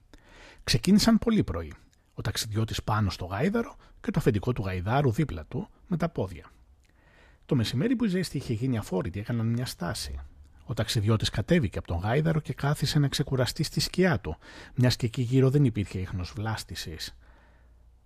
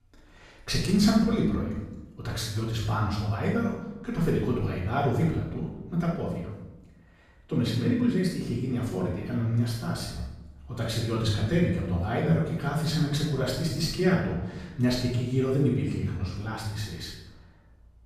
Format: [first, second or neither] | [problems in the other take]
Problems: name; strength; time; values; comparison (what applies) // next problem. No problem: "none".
first | off-mic speech; far // room echo; noticeable; dies away in 0.9 s